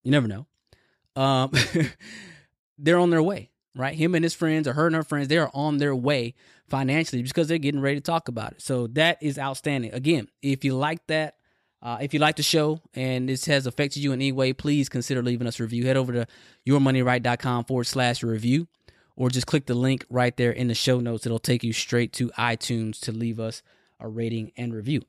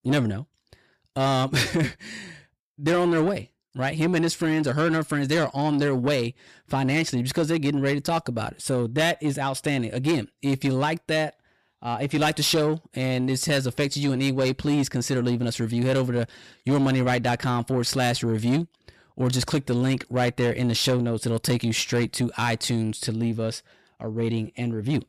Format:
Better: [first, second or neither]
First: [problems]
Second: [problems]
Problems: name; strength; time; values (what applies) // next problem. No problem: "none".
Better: first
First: none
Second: distortion; slight; 10 dB below the speech